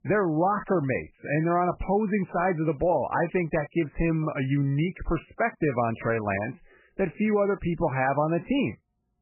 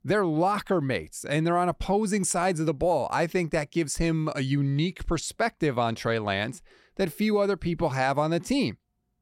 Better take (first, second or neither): second